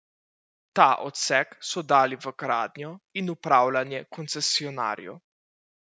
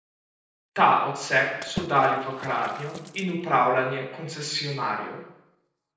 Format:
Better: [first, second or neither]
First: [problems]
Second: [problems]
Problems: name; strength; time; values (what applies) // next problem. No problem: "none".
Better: first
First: none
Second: noise reduction (neural separator model SepFormer DNS4)